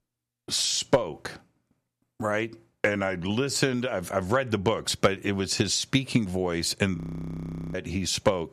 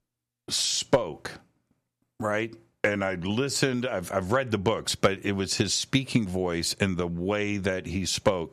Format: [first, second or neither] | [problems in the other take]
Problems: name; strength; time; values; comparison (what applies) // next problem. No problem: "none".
second | audio freezing; at 7 s for 1 s